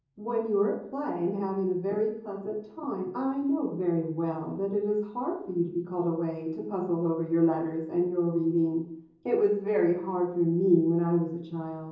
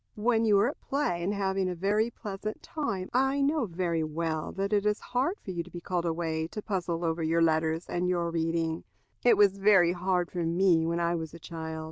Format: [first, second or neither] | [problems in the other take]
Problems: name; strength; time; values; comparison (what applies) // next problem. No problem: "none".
second | room echo; dies away in 0.7 s